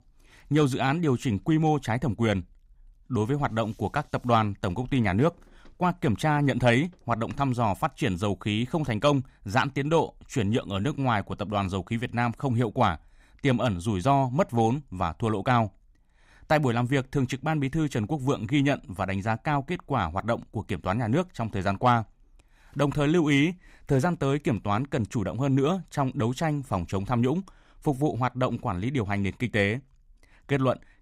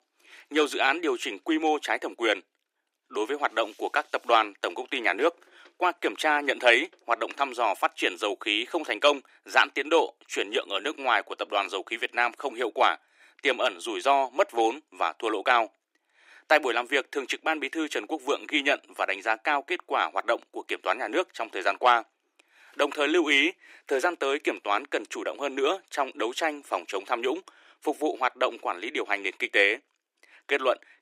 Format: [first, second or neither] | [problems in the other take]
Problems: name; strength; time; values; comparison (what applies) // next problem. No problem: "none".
first | thin; very; fading below 350 Hz